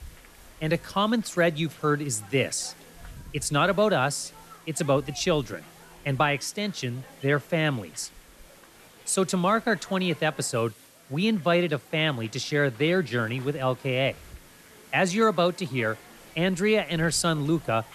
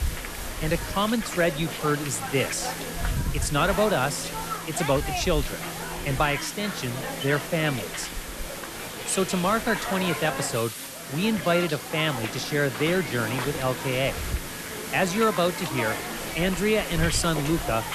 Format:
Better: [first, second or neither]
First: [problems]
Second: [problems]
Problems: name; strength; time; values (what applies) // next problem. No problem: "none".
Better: first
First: hiss; faint; throughout; 20 dB below the speech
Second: hiss; loud; throughout; 5 dB below the speech